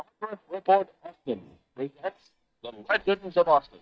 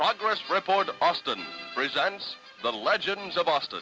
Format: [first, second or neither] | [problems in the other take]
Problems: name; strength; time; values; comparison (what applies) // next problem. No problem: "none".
second | noise reduction (neural mask model DeepFilterNet 3)